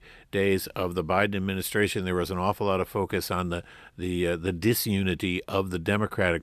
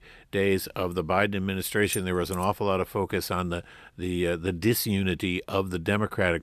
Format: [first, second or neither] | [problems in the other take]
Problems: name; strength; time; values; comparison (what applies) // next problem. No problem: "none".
first | jangling keys; noticeable; at 2 s; peak 8 dB below the speech